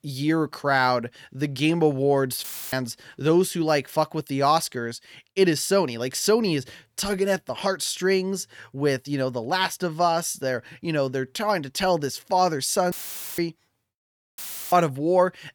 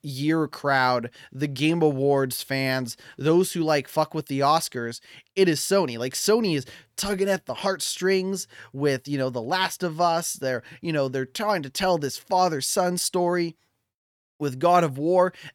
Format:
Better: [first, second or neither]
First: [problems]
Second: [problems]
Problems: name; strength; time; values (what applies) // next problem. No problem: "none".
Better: second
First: audio cutting out; filled with static; at 2.5 s, at 13 s and at 14 s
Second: none